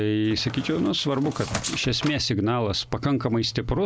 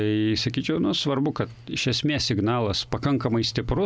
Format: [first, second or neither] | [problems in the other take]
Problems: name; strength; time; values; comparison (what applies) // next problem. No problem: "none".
second | background sound (Squeak); 10 dB below the speech